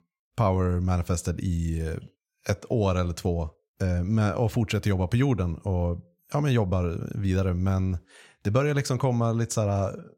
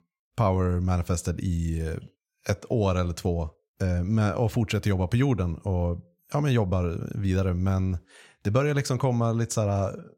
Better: neither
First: none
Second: none

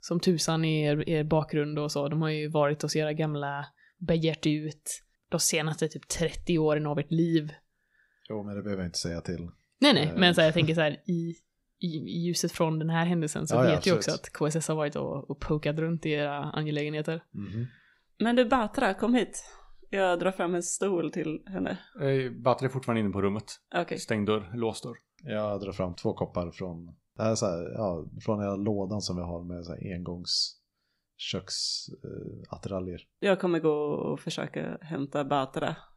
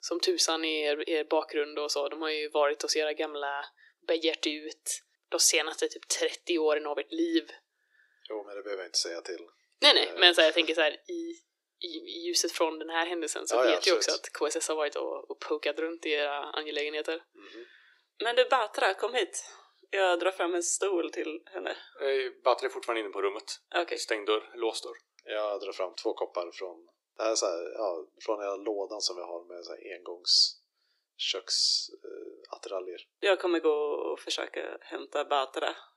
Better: first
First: none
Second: thin; very; fading below 350 Hz

